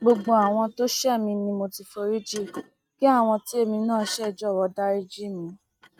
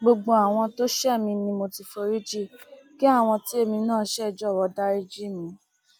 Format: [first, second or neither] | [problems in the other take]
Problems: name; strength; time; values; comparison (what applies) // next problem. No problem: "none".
second | noise reduction (neural mask model RNNoise)